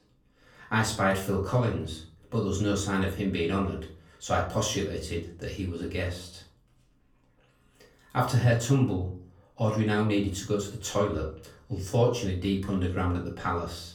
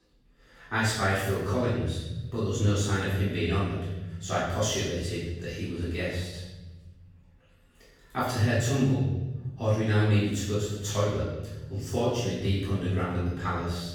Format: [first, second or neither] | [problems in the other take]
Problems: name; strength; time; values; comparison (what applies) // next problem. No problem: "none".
first | room echo; strong; dies away in 1.4 s; slight in the first // off-mic speech; far; far in the first